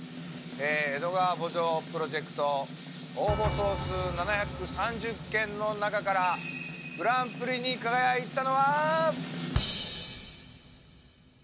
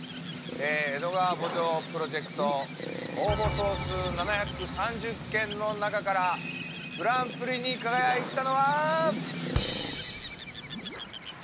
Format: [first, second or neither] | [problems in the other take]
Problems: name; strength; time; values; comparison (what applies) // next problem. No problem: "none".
first | background sound (Bird); 10 dB below the speech